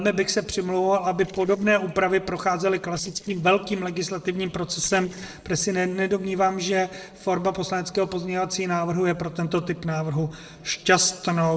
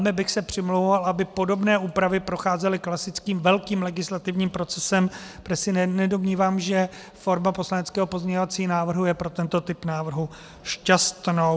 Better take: second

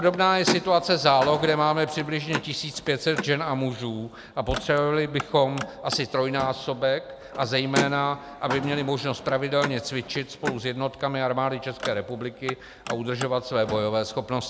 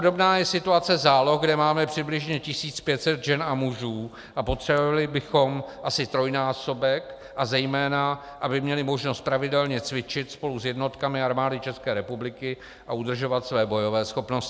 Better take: second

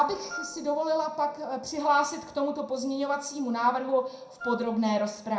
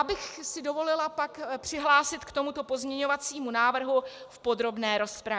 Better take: second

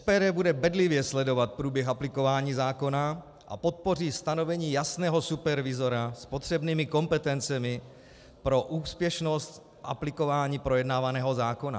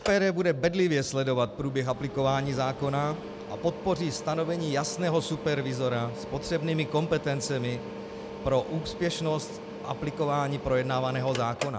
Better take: first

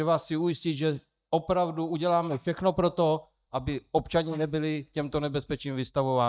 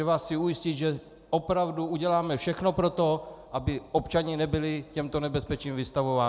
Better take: second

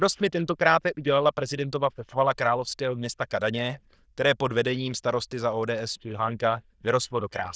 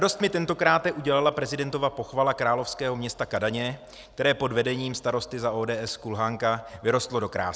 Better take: second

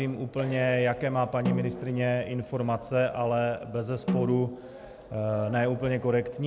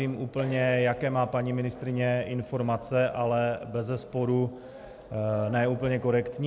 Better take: second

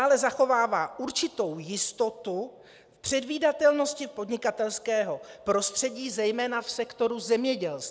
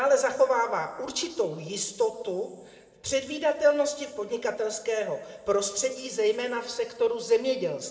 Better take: first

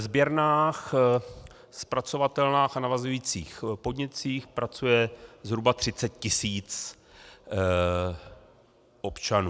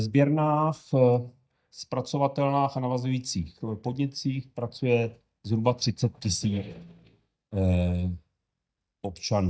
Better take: first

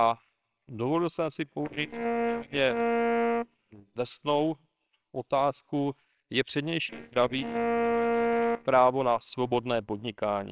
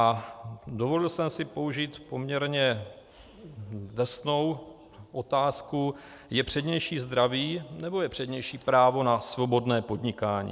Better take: second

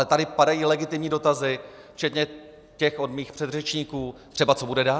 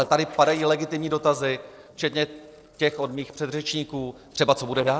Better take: first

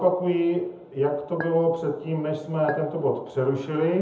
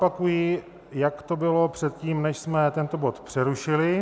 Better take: second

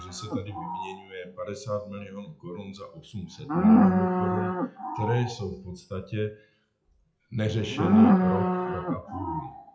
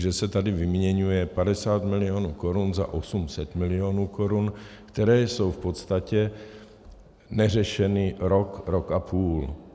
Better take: second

